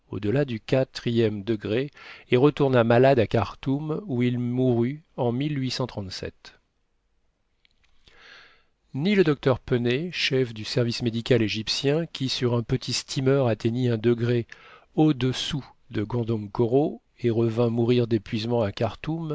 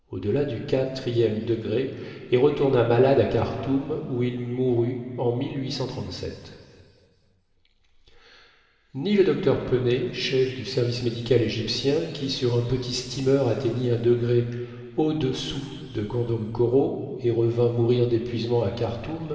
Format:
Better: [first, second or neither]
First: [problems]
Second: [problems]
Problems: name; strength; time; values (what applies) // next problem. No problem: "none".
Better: first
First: none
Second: room echo; dies away in 2.3 s